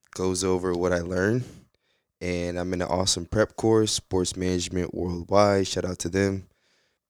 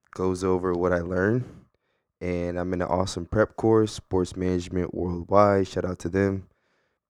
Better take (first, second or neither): first